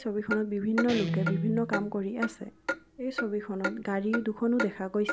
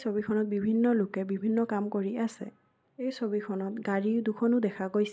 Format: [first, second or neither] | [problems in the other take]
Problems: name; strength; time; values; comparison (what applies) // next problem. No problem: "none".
second | background sound (Clock + Guitar); 5 dB below the speech